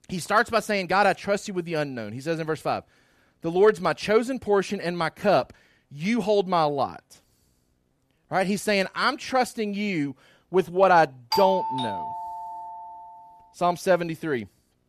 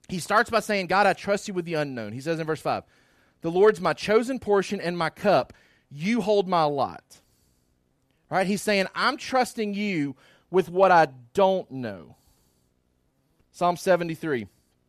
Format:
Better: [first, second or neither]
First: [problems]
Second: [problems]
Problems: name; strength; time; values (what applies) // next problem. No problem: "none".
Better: second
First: doorbell; noticeable; from 11 to 13 s; peak 2 dB below the speech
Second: none